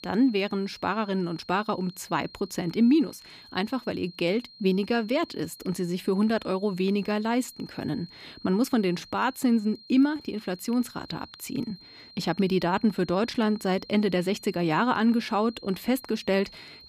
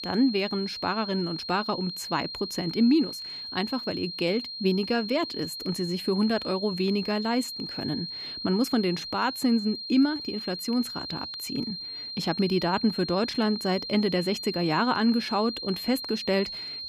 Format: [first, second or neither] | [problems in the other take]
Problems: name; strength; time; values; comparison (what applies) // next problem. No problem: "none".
first | high-pitched whine; loud; throughout; 4 kHz, 7 dB below the speech; faint in the first